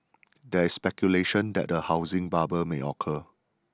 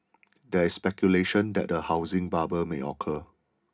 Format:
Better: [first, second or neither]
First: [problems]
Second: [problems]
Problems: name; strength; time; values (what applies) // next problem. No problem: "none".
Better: first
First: none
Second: room echo; dies away in 0.3 s